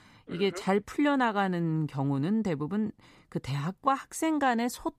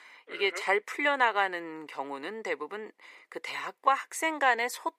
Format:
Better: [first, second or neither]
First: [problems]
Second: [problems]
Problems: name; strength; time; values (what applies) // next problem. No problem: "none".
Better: first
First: none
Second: thin; very; fading below 450 Hz